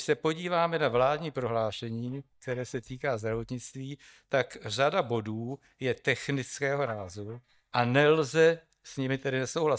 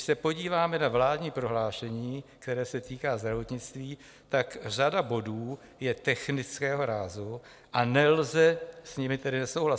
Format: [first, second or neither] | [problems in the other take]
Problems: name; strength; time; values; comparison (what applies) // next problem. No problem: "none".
second | noise reduction (neural mask model DeepFilterNet 3)